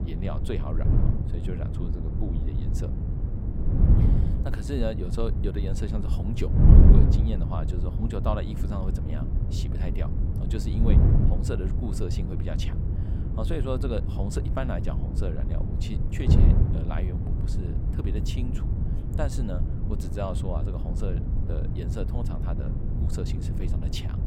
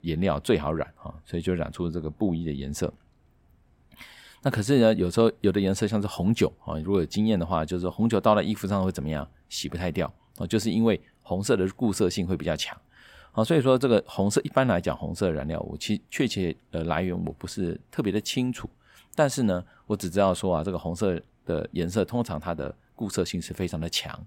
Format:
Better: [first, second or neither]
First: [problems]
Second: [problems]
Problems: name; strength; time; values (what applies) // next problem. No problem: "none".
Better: second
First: wind noise on the microphone; heavy; 1 dB below the speech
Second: none